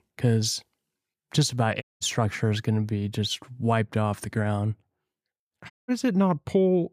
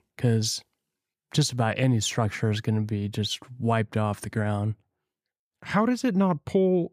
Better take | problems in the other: second | audio cutting out; at 2 s and at 5.5 s

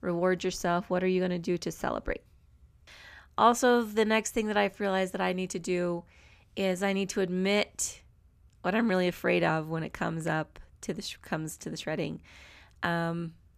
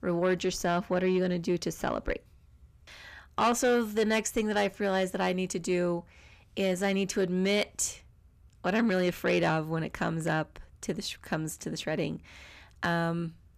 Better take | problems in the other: first | distortion; slight; 10 dB below the speech

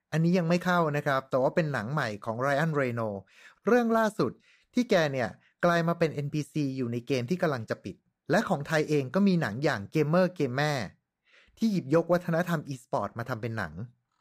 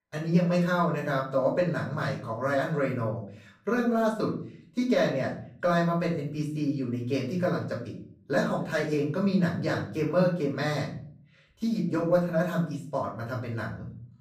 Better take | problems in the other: first | off-mic speech; far // room echo; slight; dies away in 0.5 s

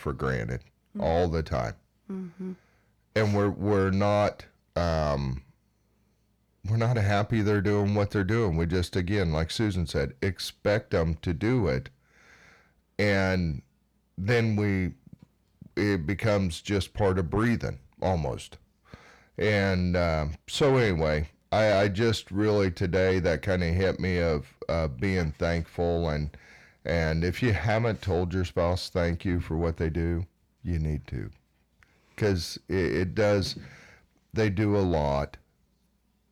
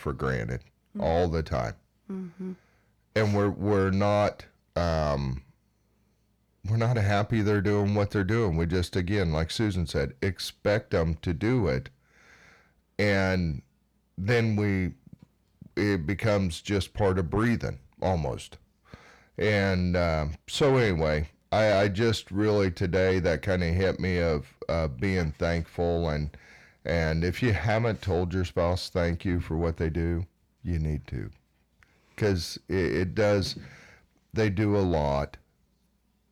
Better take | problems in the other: neither | distortion; slight; 10 dB below the speech; the same in both

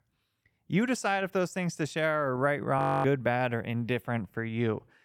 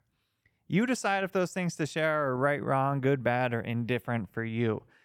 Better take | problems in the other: second | audio freezing; at 3 s

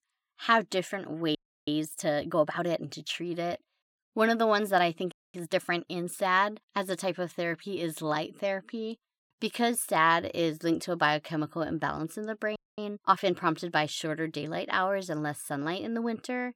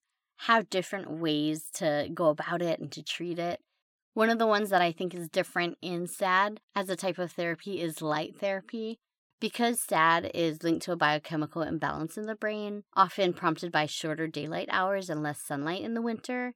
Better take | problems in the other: second | audio freezing; at 1.5 s, at 5 s and at 13 s

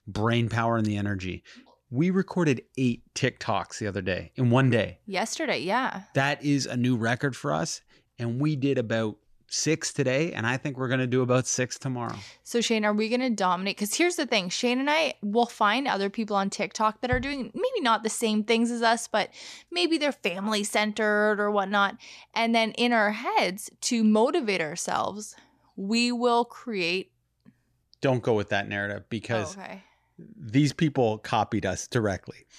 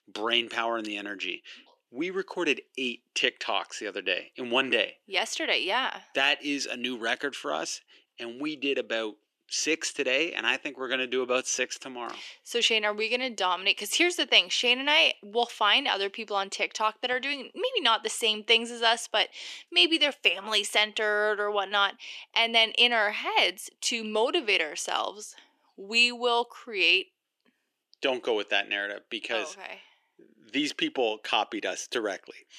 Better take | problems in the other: first | thin; somewhat; fading below 350 Hz

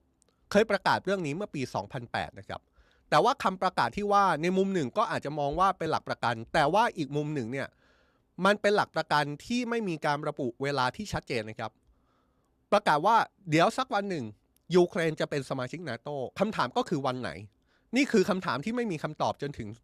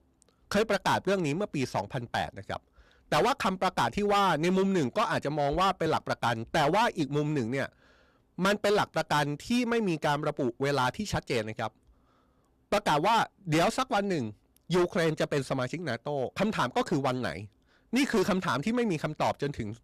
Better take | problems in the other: first | distortion; heavy; 10% of the sound clipped

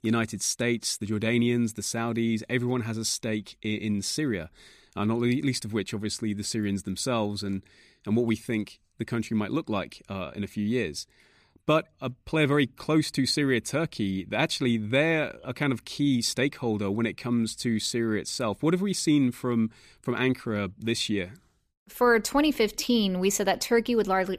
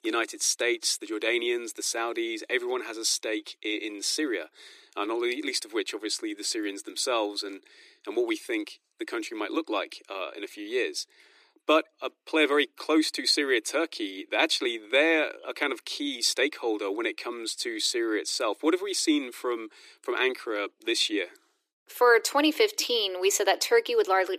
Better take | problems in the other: first | thin; very; fading below 300 Hz

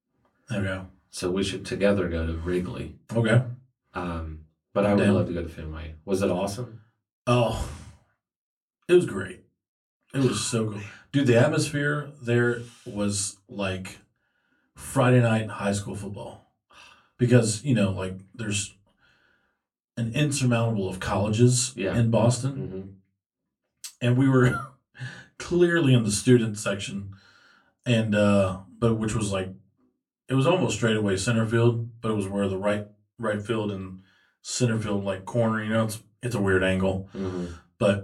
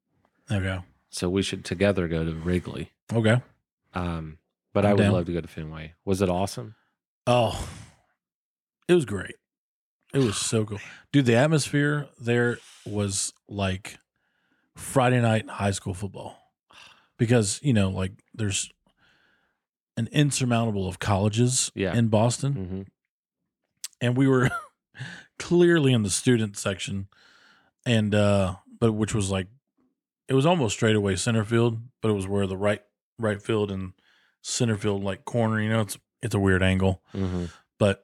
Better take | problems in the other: second | off-mic speech; far // room echo; very slight; dies away in 0.2 s

